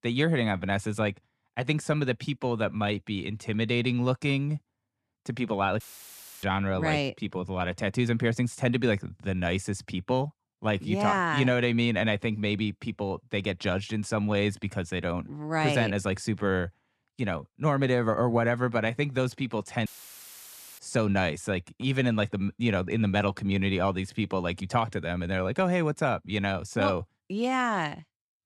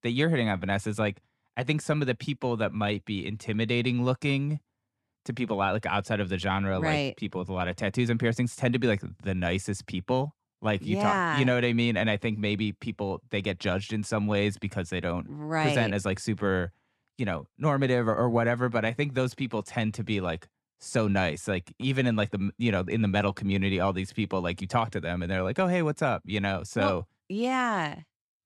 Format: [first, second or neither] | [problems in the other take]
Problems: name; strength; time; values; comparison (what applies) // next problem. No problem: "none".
second | audio cutting out; filled with static; at 6 s for 0.5 s and at 20 s for 1 s